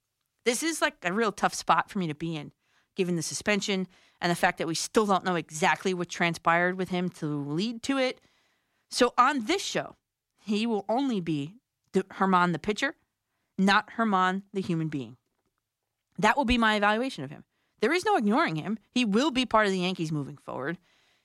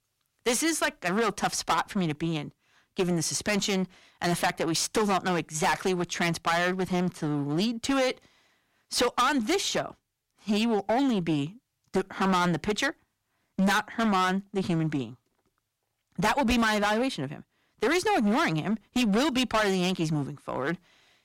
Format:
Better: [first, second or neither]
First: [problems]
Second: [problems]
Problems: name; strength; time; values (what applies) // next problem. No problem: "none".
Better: first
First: none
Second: distortion; heavy; 12% of the sound clipped